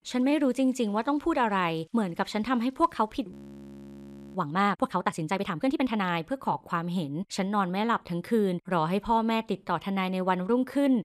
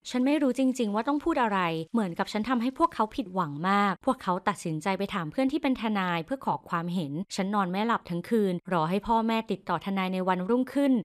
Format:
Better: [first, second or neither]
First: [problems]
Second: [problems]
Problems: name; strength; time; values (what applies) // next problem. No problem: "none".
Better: second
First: audio freezing; at 3.5 s for 1 s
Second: none